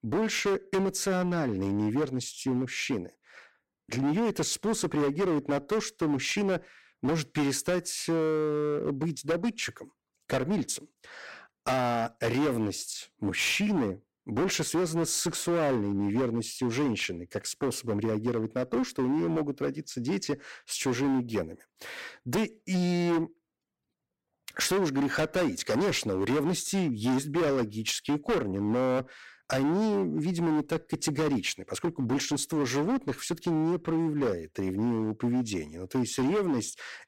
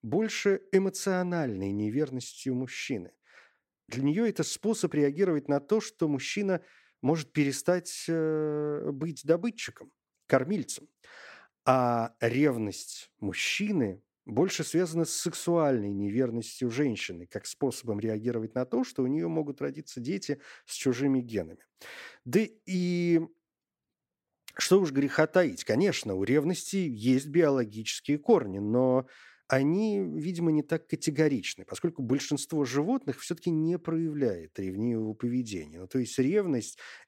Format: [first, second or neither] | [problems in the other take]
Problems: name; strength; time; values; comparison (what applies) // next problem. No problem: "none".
second | distortion; heavy; 16% of the sound clipped